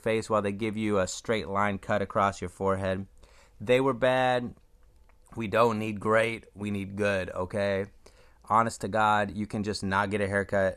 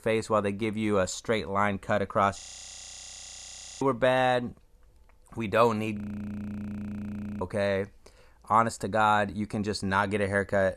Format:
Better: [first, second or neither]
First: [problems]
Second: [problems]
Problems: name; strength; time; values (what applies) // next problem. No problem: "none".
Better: first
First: none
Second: audio freezing; at 2.5 s for 1.5 s and at 6 s for 1.5 s